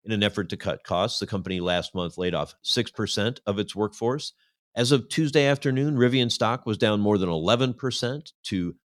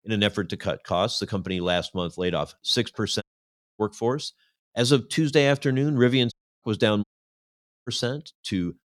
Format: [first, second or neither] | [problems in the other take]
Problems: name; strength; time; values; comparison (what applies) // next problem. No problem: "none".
first | audio cutting out; at 3 s for 0.5 s, at 6.5 s and at 7 s for 1 s